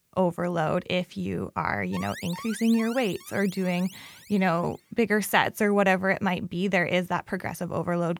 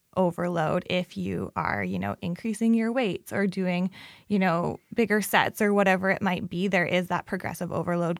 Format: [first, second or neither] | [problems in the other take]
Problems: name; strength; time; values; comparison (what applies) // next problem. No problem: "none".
second | alarm; faint; from 2 to 4.5 s; peak 10 dB below the speech